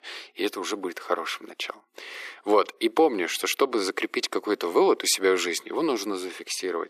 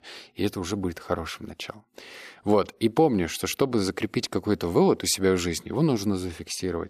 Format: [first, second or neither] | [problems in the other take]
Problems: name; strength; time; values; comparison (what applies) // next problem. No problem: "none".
second | thin; somewhat; fading below 350 Hz